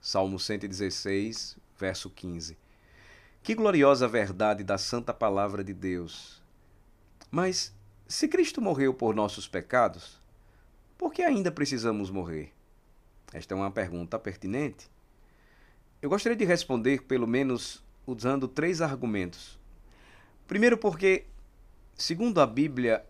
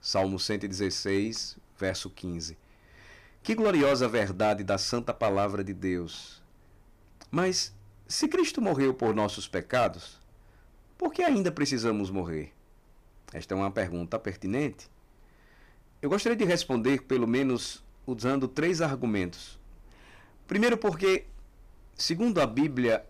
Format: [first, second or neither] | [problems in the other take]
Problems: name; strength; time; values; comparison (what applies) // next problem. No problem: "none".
first | distortion; slight; 4% of the sound clipped